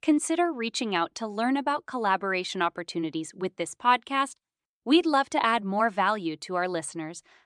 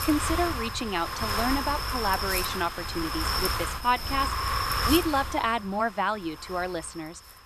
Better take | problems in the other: first | wind noise on the microphone; heavy; 1 dB below the speech

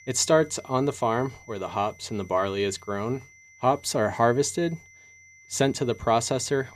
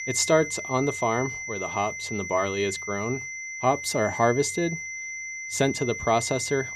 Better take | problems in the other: first | high-pitched whine; loud; throughout; 2 kHz, 7 dB below the speech; faint in the first

